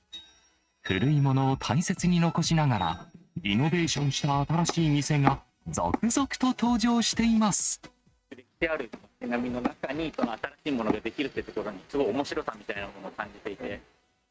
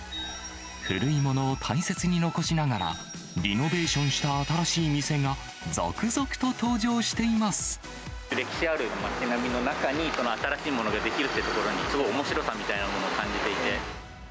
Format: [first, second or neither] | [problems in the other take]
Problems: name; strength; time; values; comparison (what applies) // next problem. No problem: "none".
second | noise reduction (neural mask model RNNoise)